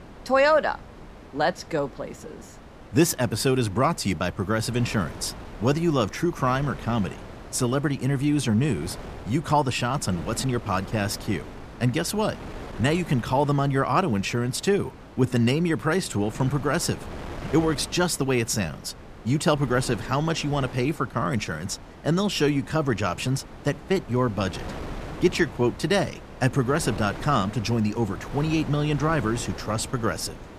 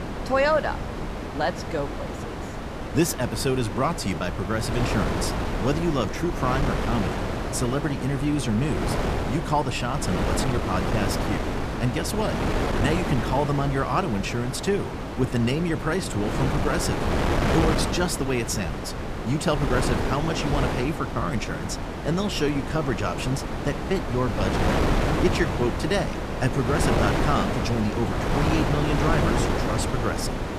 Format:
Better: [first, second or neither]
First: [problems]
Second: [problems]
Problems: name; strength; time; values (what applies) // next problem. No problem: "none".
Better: first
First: wind noise on the microphone; occasional gusts; 15 dB below the speech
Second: wind noise on the microphone; heavy; 1 dB below the speech